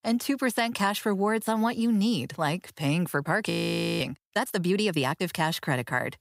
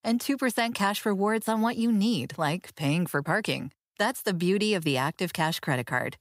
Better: second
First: audio freezing; at 3.5 s for 0.5 s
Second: none

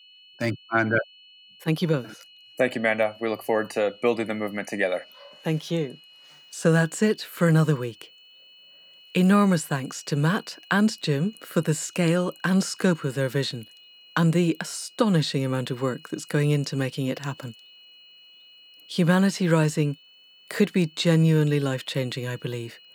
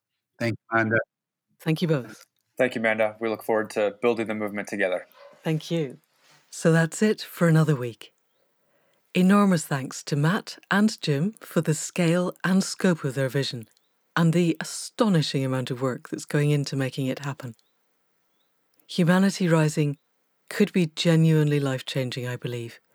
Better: second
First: high-pitched whine; faint; throughout; 3 kHz, 25 dB below the speech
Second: none

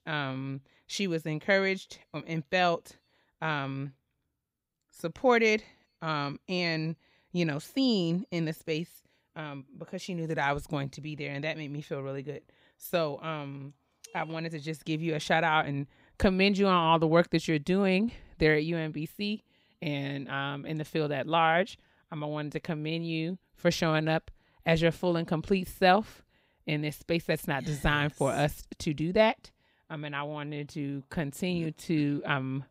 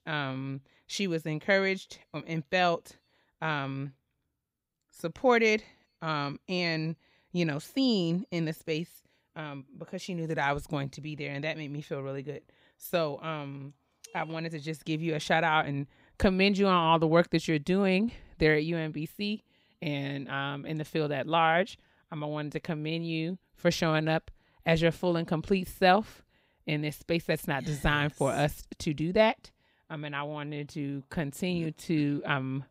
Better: neither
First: none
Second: none

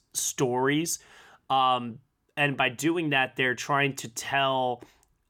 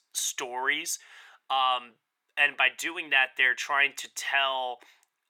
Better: first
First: none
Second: thin; very; fading below 750 Hz

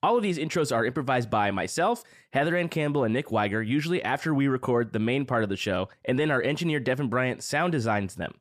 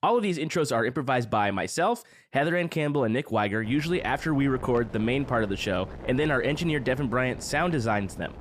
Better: first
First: none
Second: wind noise on the microphone; occasional gusts; from 3.5 s on; 20 dB below the speech

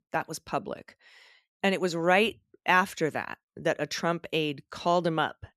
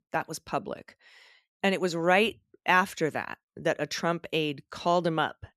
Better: neither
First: none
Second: none

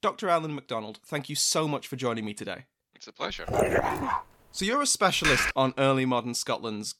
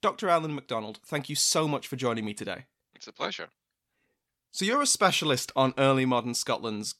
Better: second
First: dog barking; loud; at 3.5 s; peak 3 dB above the speech // keyboard typing; loud; at 5 s; peak 3 dB above the speech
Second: none

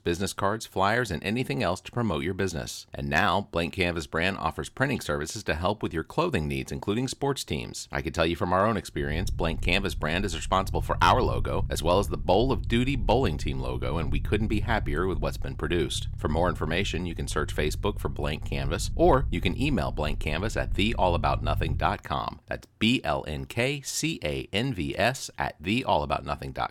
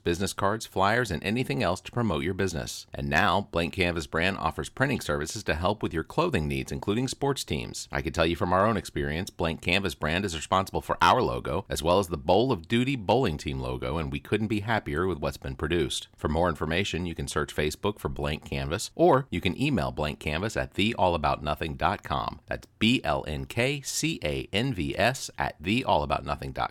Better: second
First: low rumble; faint; from 9 to 22 s; 25 dB below the speech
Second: none

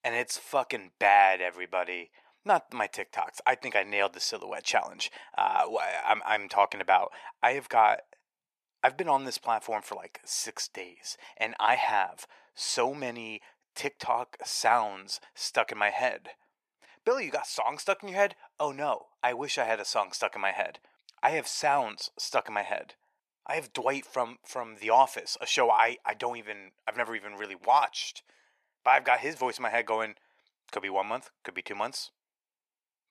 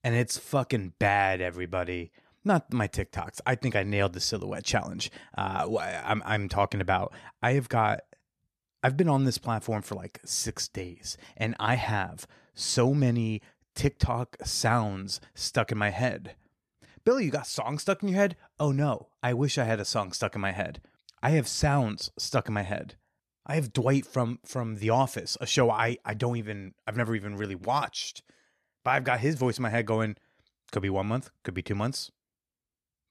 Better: second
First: thin; very; fading below 550 Hz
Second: none

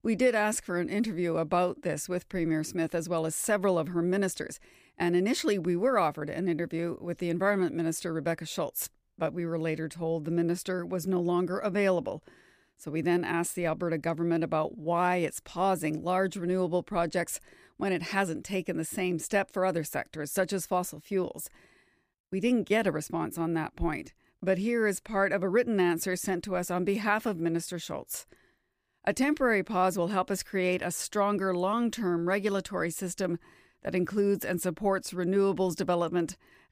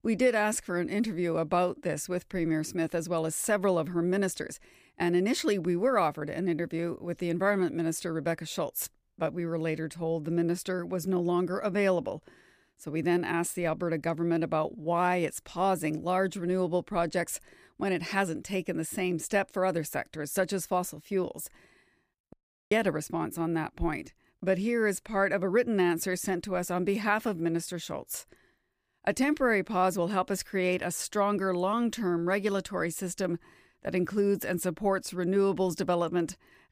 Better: first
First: none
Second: audio cutting out; at 22 s

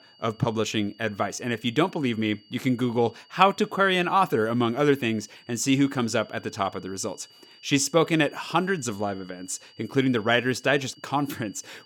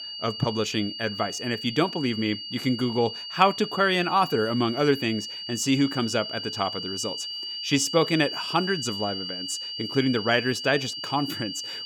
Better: first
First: high-pitched whine; faint; throughout; 4.5 kHz, 25 dB below the speech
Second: high-pitched whine; loud; throughout; 4.5 kHz, 7 dB below the speech

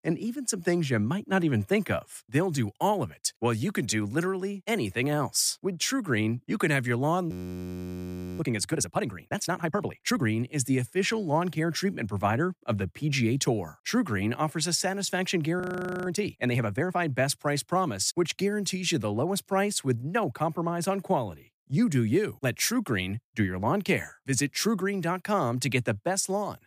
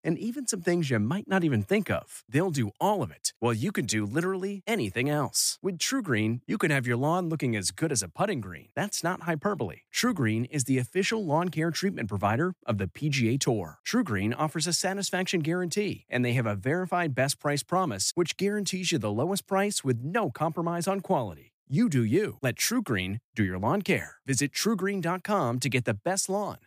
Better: second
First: audio freezing; at 7.5 s for 1 s and at 16 s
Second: none

